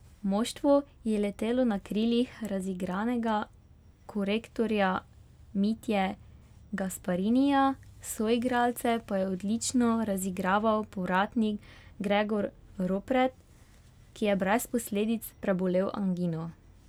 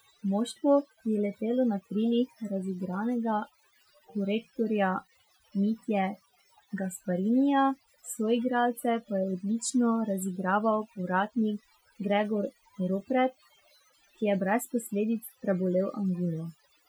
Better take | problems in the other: first | noise reduction (classical method Wiener filter)

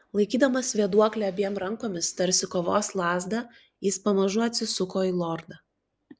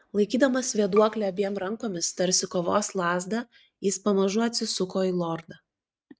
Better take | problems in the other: first | noise reduction (neural mask model RNNoise)

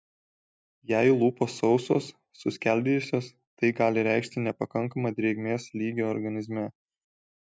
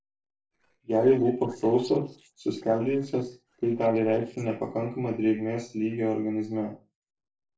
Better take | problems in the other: first | noise reduction (neural separator model SepFormer DNS4)

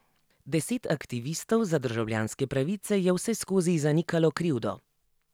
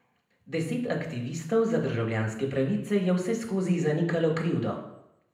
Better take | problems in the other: first | room echo; dies away in 0.7 s

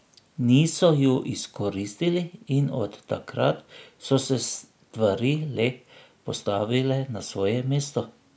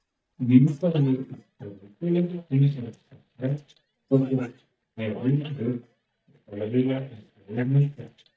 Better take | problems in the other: first | noise reduction (neural mask model DeepFilterNet 3)

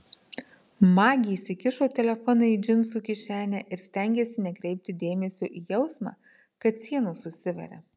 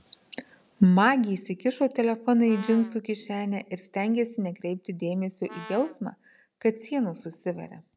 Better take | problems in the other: first | background sound (Brass instrument); 19 dB below the speech

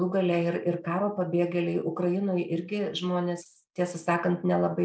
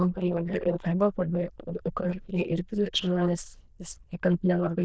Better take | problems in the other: first | noise reduction (neural diffusion model UNIVERSE++)

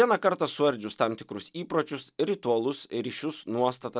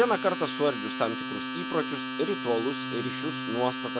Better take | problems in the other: first | background sound (Domestic sounds, home sounds); 4 dB below the speech

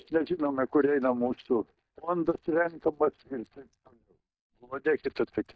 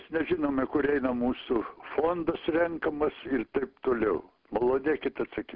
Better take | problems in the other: second | noise reduction (neural mask model DeepFilterNet 3)

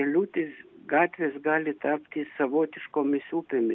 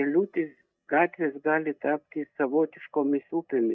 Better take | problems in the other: first | noise reduction (neural mask model DeepFilterNet 3)

